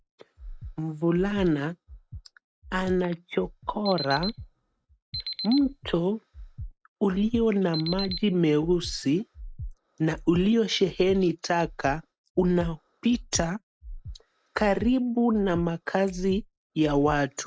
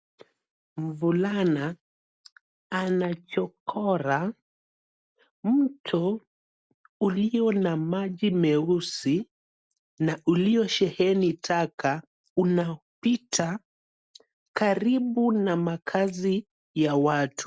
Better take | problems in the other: second | noise reduction (neural mask model RNNoise)

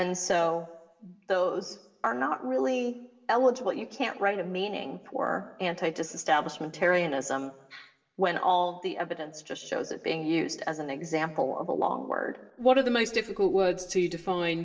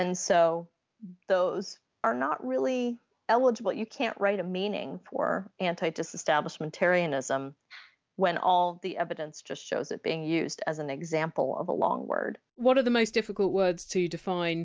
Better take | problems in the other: second | room echo; dies away in 0.8 s

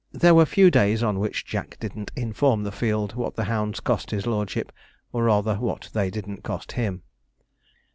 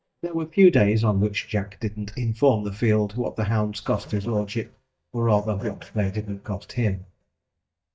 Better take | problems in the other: first | noise reduction (neural mask model DeepFilterNet 3)

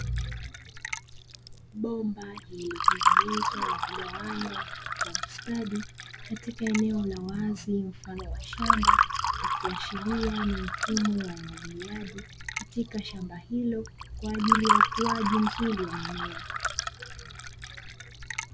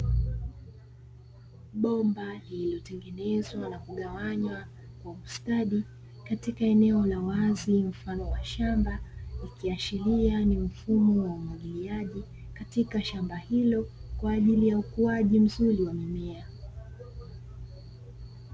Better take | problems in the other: second | background sound (Fill (with liquid) / Water); 2 dB above the speech

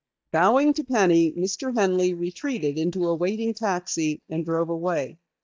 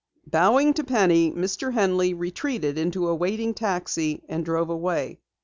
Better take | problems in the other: second | noise reduction (neural mask model DeepFilterNet 3)

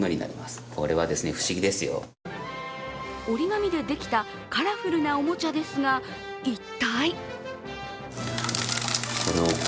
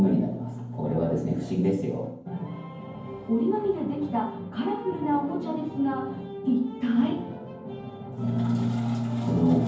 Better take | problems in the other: first | room echo; dies away in 0.9 s

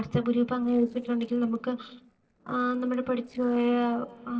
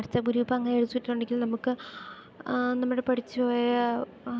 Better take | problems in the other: second | noise reduction (neural separator model SepFormer DNS4)

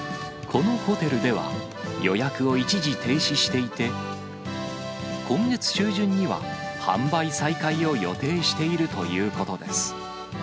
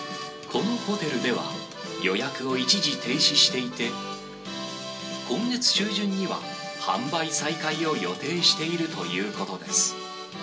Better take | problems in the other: first | room echo; dies away in 0.2 s

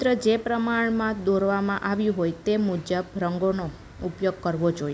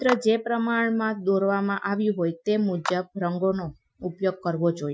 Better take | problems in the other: first | noise reduction (classical method Wiener filter)

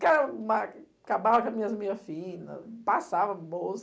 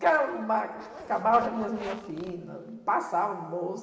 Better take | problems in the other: first | background sound (Zipper (clothing)); 16 dB below the speech // room echo; dies away in 1.7 s

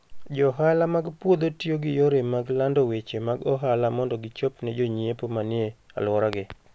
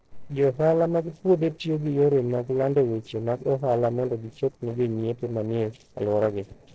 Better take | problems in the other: first | noise reduction (neural separator model SepFormer DNS4)

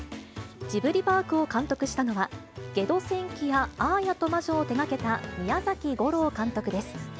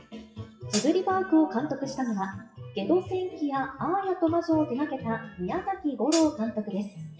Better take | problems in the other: first | noise reduction (classical method WPE with log-MMSE)

